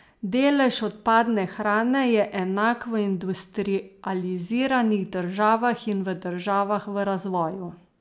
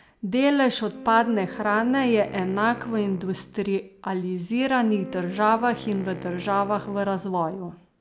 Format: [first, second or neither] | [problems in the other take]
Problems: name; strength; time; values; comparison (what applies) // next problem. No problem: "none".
first | background sound (Wind instrument, woodwind instrument); 16 dB below the speech